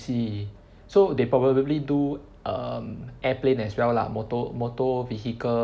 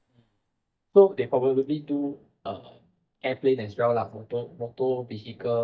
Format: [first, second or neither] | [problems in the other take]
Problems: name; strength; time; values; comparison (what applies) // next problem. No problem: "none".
first | noise reduction (neural mask model DeepFilterNet 3)